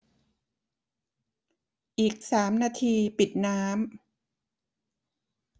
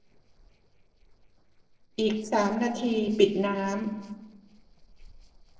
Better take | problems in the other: first | noise reduction (neural separator model SepFormer DNS4)

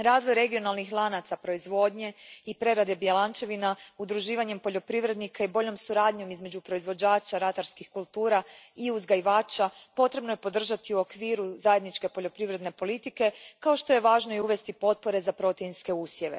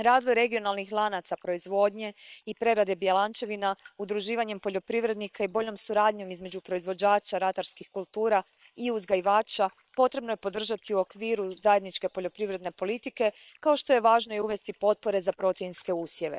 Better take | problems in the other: first | noise reduction (neural separator model SepFormer WHAM!)

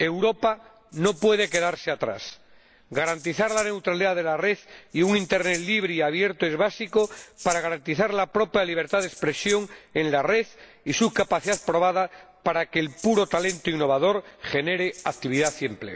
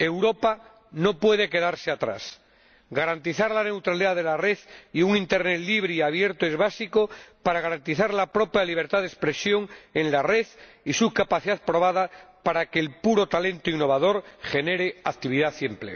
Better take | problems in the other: second | background sound (Rattle (instrument)); 18 dB below the speech

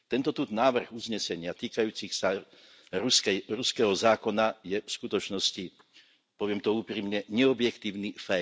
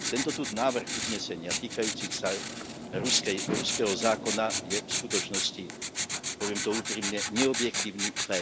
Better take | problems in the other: first | background sound (Writing); 1 dB below the speech

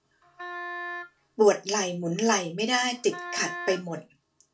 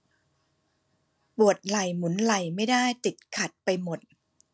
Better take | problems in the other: second | background sound (Wind instrument, woodwind instrument); 11 dB below the speech // room echo; dies away in 0.2 s

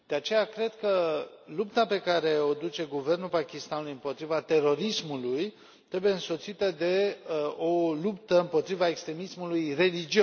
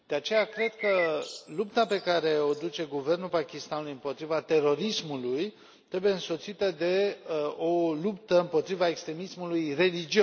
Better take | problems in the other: first | background sound (Bird); 11 dB below the speech

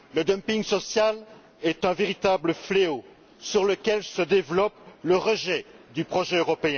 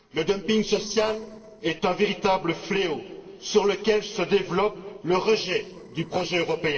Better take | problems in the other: first | noise reduction (neural separator model SepFormer DNS4)

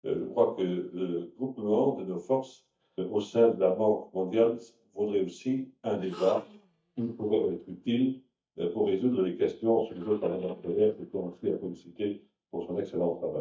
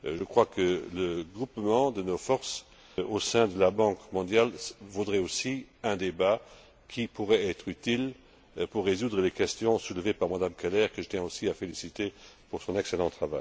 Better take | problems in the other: second | noise reduction (neural mask model DeepFilterNet 3)

